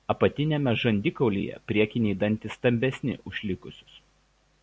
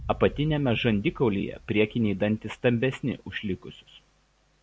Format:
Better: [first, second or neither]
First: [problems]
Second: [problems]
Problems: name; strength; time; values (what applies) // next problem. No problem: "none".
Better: first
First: none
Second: background sound (Boom); 20 dB below the speech